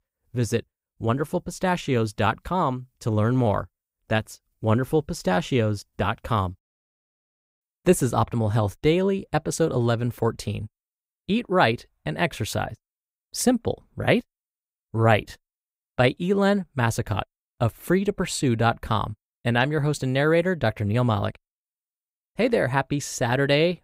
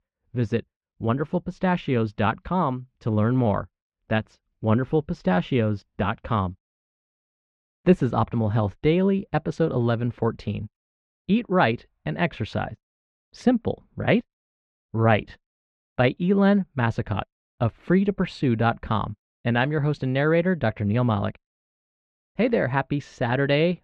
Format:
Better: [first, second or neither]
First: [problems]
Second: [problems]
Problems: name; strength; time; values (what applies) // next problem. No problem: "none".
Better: first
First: none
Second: muffled; slightly; fading above 3.5 kHz